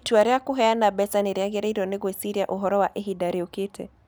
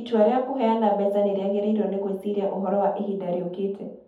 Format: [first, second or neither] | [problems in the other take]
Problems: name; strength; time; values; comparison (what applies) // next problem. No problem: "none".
first | room echo; dies away in 0.6 s